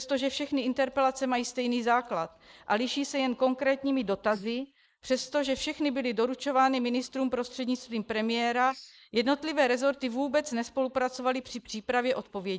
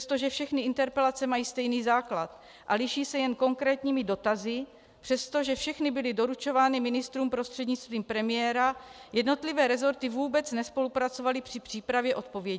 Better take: second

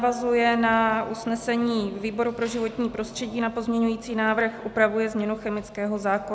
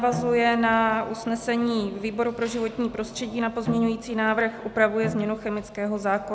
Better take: first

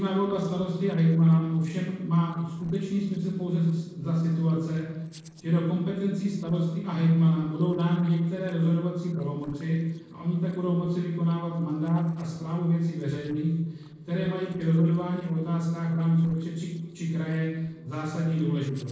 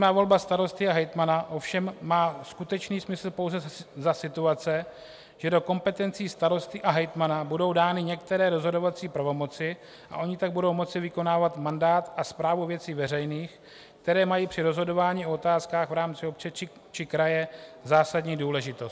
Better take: second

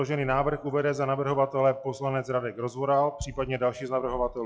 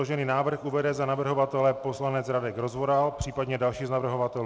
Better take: second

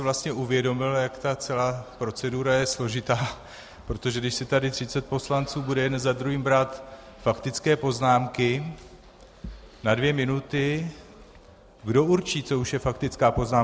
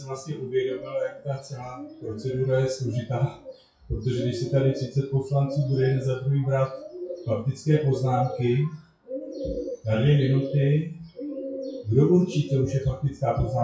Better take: first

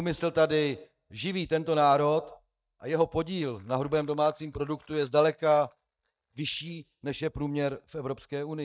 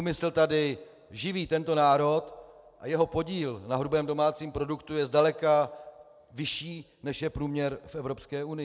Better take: second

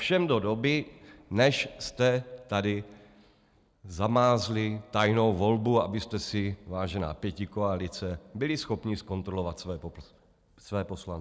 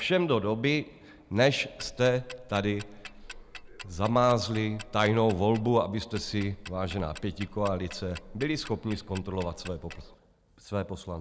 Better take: first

